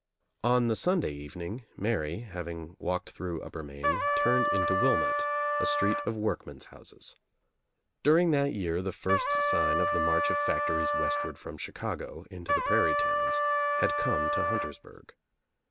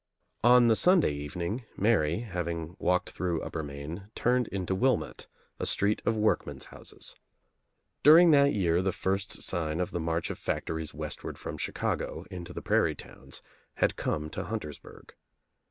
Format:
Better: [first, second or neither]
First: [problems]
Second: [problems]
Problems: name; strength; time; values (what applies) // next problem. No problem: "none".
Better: second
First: background sound (Trumpet); 3 dB above the speech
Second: none